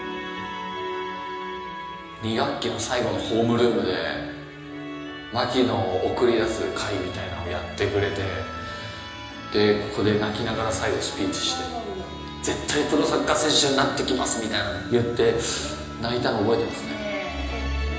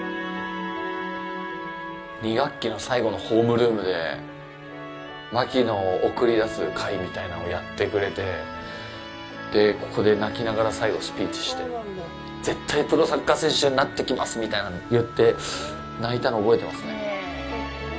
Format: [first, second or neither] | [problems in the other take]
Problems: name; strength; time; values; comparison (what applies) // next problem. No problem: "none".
second | room echo; dies away in 1 s